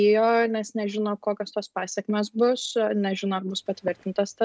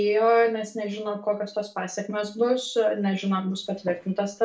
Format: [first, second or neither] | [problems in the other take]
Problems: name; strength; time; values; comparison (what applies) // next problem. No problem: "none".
first | room echo; dies away in 0.3 s